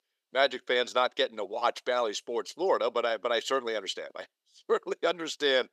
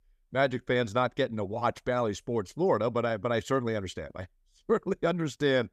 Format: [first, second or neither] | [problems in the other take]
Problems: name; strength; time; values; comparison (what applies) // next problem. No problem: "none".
second | thin; somewhat; fading below 400 Hz